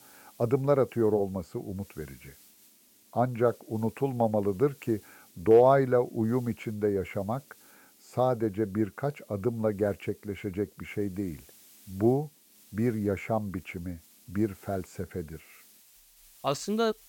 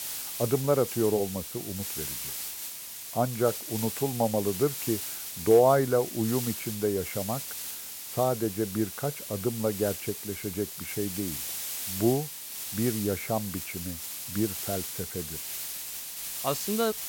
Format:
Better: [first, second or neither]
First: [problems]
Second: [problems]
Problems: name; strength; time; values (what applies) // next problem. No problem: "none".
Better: first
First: hiss; faint; throughout; 25 dB below the speech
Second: hiss; loud; throughout; 5 dB below the speech